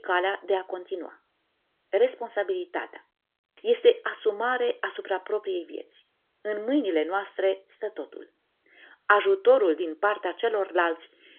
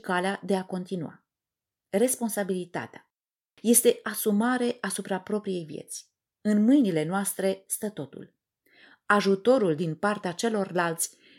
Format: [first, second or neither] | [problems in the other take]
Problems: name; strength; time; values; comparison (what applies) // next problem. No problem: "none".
second | phone-call audio; nothing above 3.5 kHz